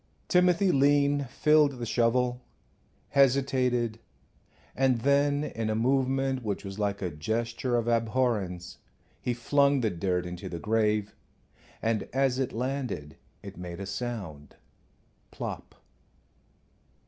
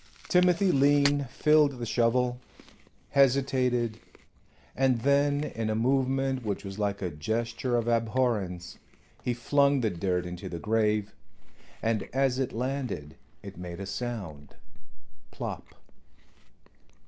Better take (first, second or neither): first